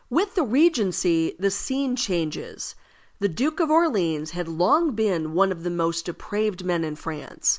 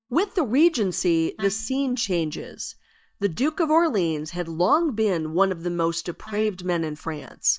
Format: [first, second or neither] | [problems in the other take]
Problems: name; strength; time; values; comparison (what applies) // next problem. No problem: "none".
first | noise reduction (neural mask model DeepFilterNet 3)